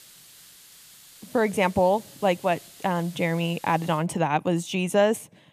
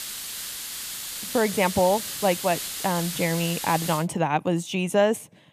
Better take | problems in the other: first | hiss; loud; until 4 s; 6 dB below the speech; faint in the first

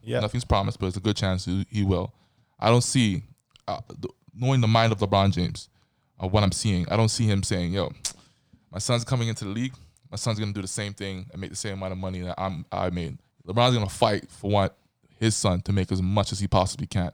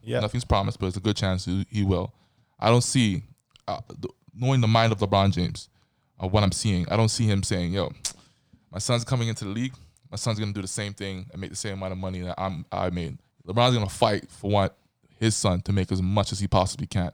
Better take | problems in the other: neither | none

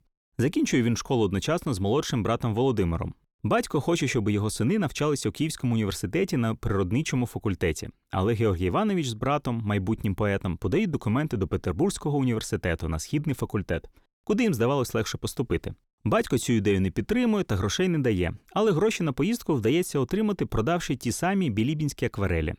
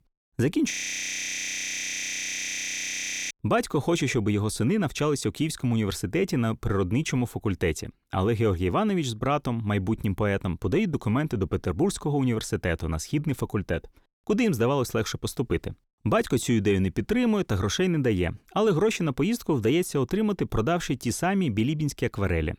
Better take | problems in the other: first | audio freezing; at 0.5 s for 2.5 s

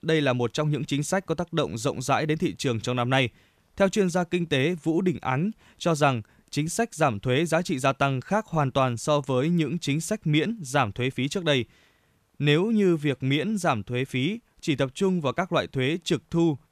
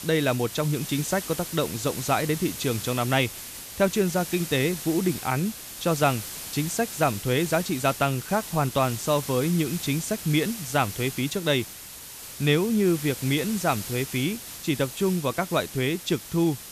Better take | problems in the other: first | hiss; loud; throughout; 9 dB below the speech

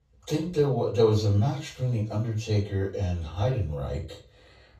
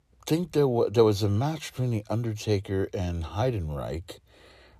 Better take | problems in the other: second | room echo; noticeable; dies away in 0.3 s // off-mic speech; far

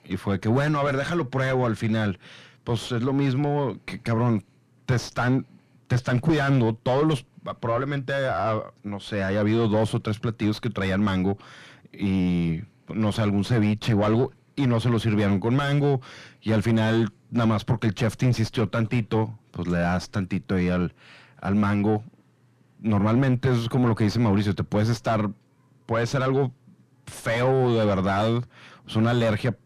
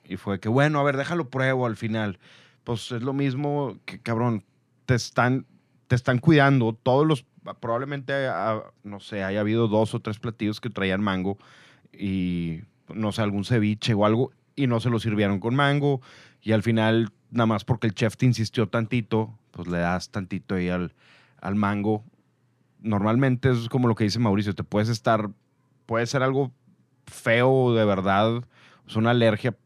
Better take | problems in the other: second | distortion; heavy; 7 dB below the speech

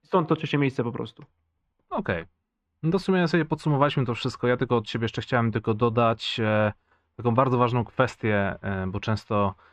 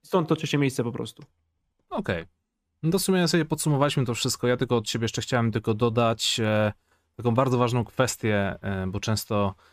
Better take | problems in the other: second | muffled; slightly; fading above 2.5 kHz

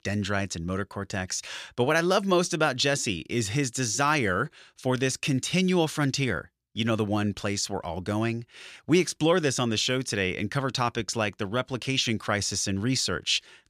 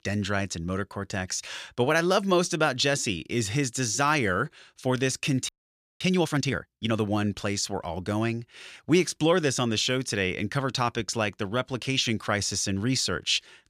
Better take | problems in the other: first | audio freezing; at 5.5 s for 0.5 s

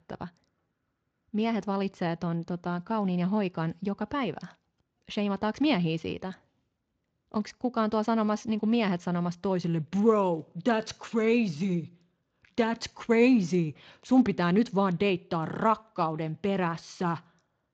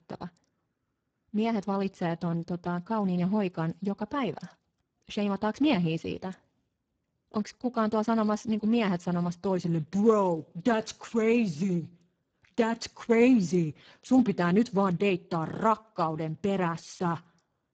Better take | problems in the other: first | garbled, watery; badly; nothing above 7.5 kHz; slightly in the first

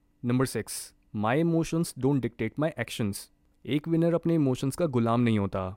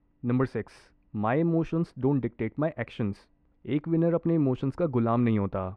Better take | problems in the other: first | muffled; very; fading above 2 kHz

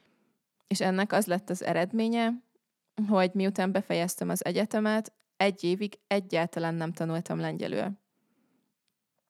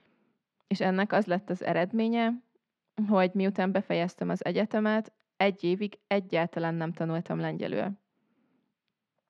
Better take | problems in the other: first | muffled; slightly; fading above 3.5 kHz

